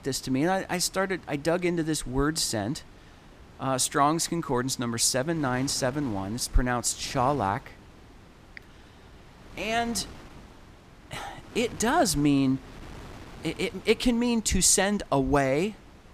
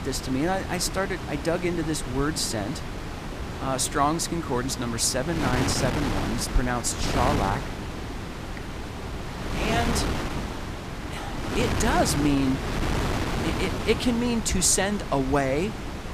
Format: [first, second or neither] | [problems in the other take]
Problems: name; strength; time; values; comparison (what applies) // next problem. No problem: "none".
first | wind noise on the microphone; heavy; 5 dB below the speech; occasional gusts in the first